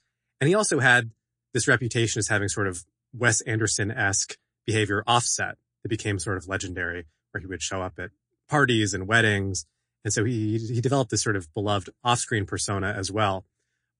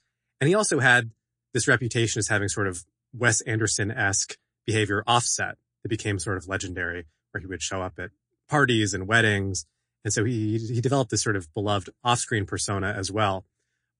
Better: neither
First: garbled, watery; slightly; nothing above 9 kHz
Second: garbled, watery; slightly; nothing above 9 kHz

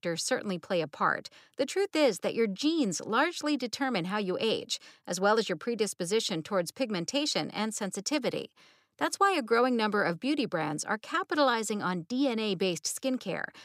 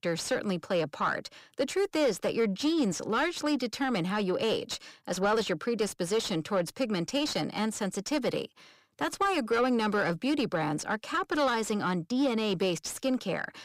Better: first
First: none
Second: distortion; slight; 10 dB below the speech

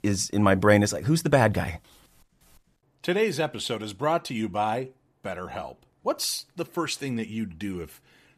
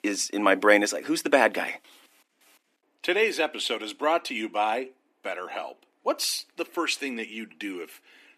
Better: first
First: none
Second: thin; somewhat; fading below 250 Hz

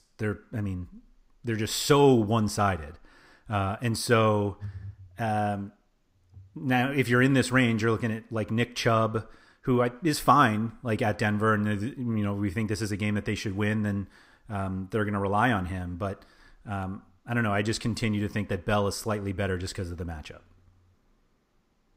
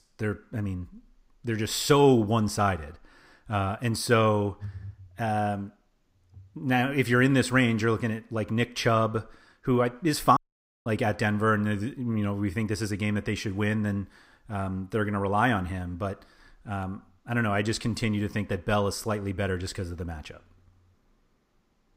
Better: first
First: none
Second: audio cutting out; at 10 s

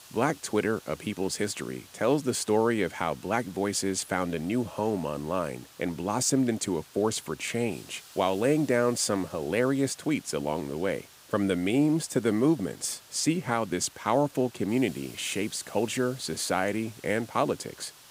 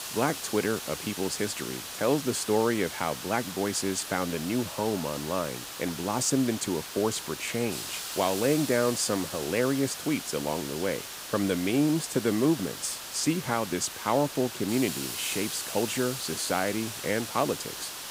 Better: first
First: hiss; faint; throughout; 20 dB below the speech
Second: hiss; loud; throughout; 7 dB below the speech

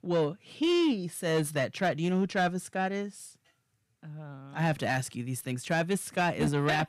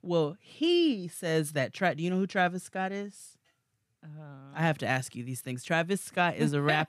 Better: second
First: distortion; slight; 10 dB below the speech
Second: none

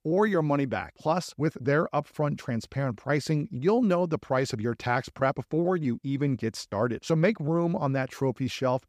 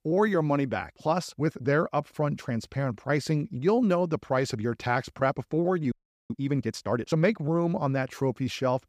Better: first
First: none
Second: audio freezing; at 6 s

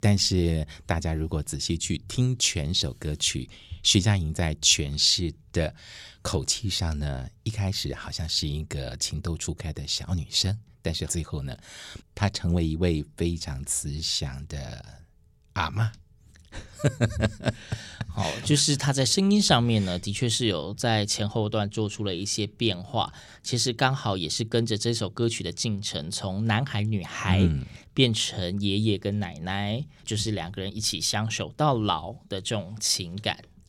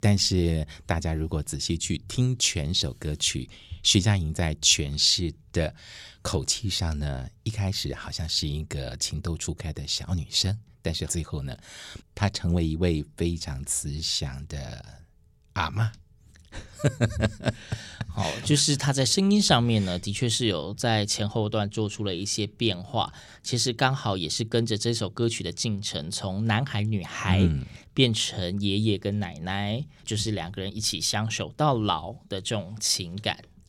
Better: neither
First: none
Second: none

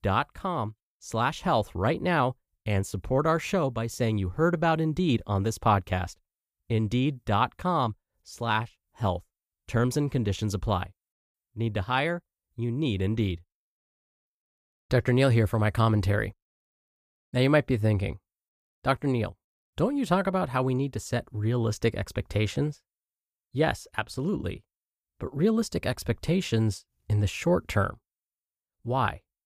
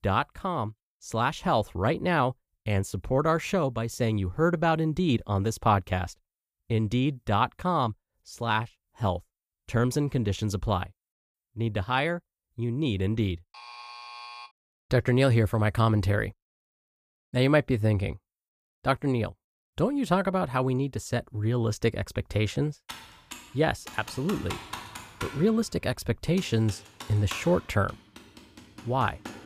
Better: first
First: none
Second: alarm; faint; at 14 s; peak 15 dB below the speech // keyboard typing; noticeable; from 23 s on; peak 10 dB below the speech

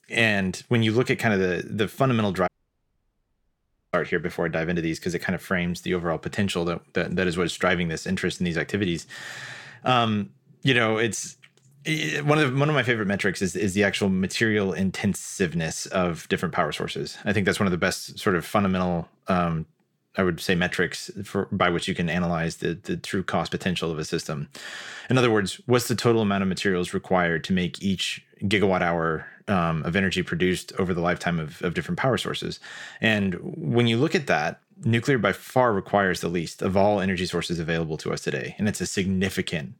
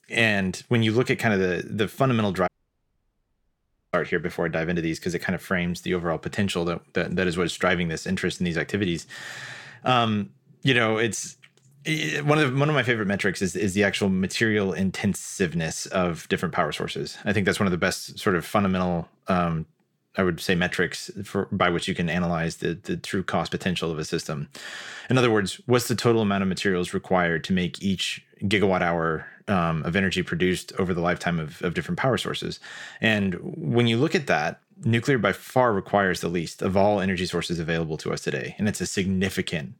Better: neither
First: audio cutting out; at 2.5 s for 1.5 s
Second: audio cutting out; at 2.5 s for 1.5 s

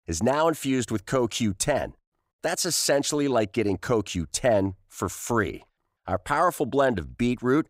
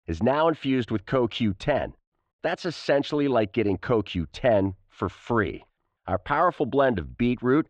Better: first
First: none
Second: muffled; very; fading above 3.5 kHz

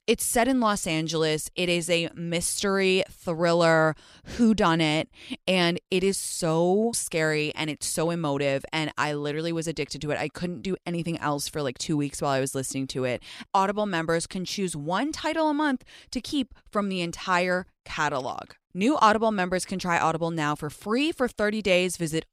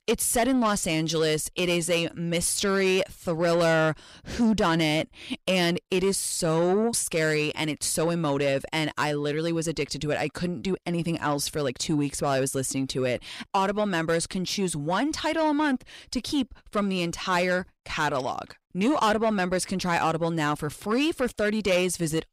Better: first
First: none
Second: distortion; slight; 10 dB below the speech

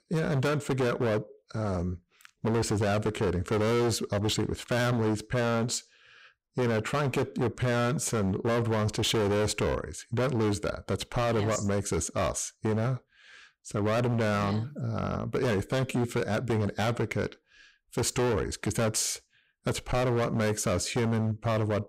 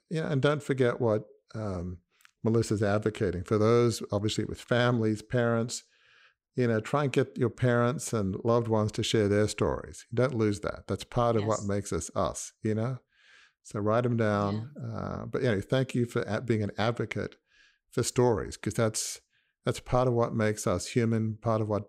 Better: second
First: distortion; heavy; 20% of the sound clipped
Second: none

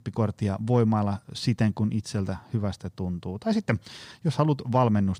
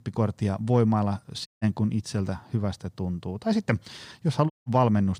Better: first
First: none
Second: audio cutting out; at 1.5 s and at 4.5 s

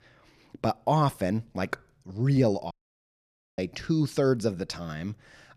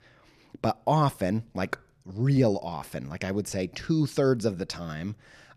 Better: second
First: audio cutting out; at 2.5 s for 1 s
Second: none

